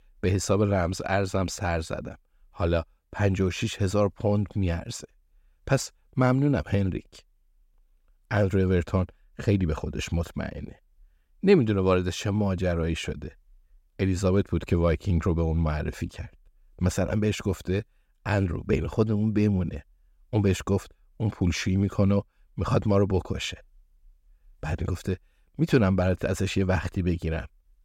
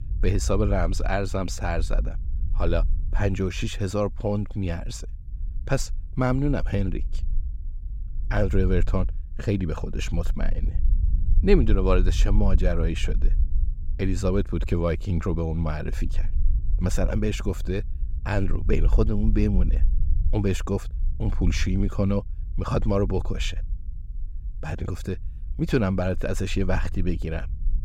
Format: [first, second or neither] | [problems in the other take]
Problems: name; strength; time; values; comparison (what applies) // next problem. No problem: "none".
first | low rumble; faint; throughout; 20 dB below the speech